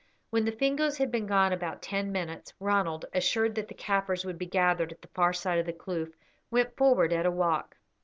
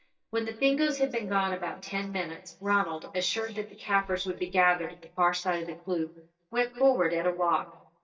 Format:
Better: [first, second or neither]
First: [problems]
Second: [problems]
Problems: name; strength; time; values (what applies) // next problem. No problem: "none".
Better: first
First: none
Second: noise reduction (neural mask model DeepFilterNet 3)